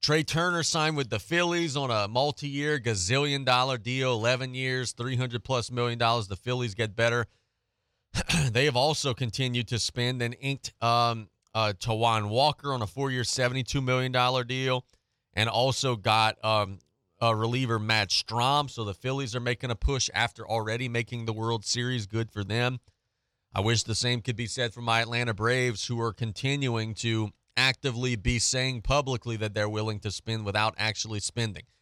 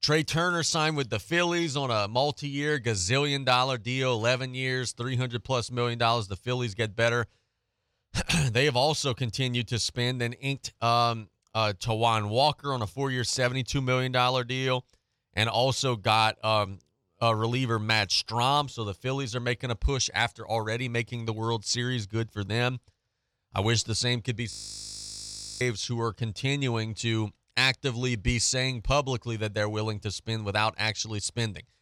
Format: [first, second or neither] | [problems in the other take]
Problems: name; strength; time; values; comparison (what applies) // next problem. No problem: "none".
first | audio freezing; at 25 s for 1 s